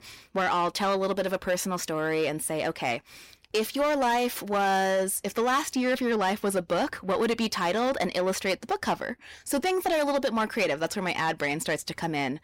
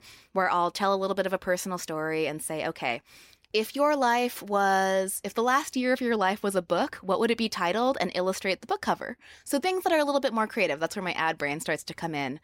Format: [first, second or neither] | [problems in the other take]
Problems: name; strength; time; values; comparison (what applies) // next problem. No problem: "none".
second | distortion; slight; 10 dB below the speech